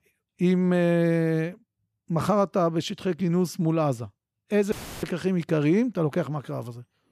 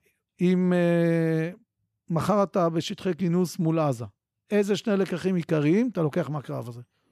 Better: second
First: audio cutting out; filled with static; at 4.5 s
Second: none

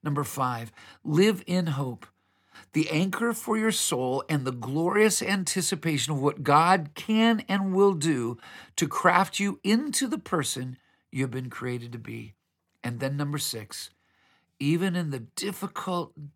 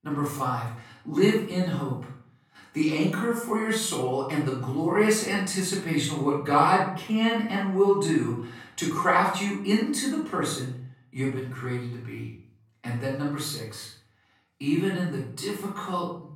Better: first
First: none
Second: off-mic speech; far // room echo; noticeable; dies away in 0.5 s

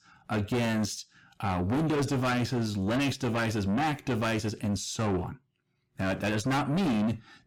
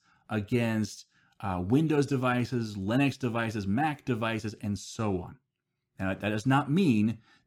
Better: second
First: distortion; heavy; 6 dB below the speech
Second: none

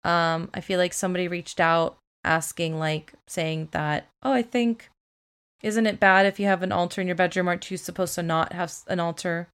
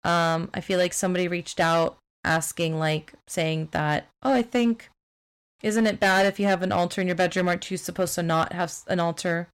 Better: first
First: none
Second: distortion; slight; 5% of the sound clipped

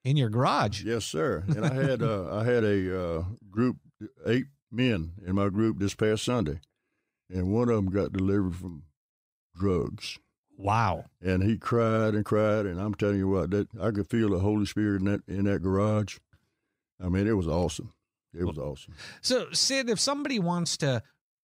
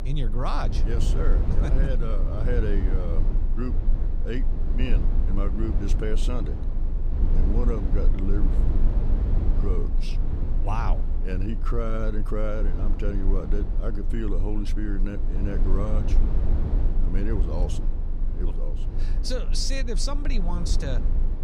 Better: first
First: none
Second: low rumble; loud; throughout; 7 dB below the speech

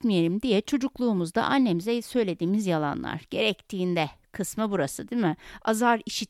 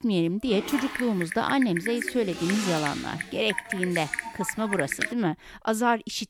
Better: first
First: none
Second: keyboard typing; noticeable; until 5 s; peak 1 dB below the speech

